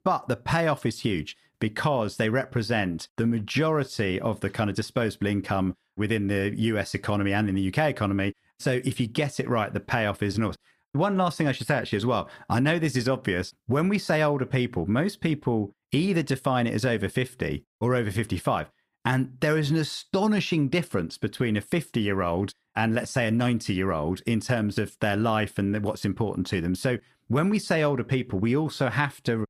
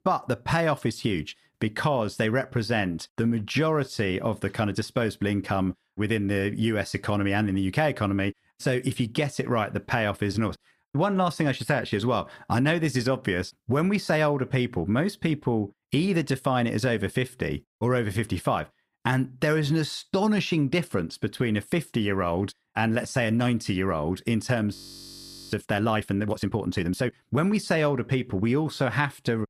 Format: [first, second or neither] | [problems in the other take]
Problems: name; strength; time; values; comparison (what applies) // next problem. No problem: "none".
first | audio freezing; at 25 s for 1 s